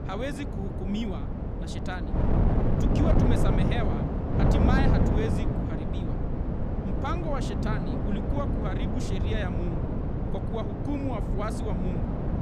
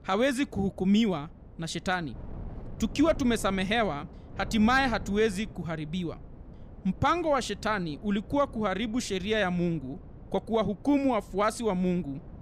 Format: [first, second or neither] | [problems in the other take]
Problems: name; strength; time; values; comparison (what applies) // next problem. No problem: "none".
second | wind noise on the microphone; heavy; 1 dB above the speech; occasional gusts in the second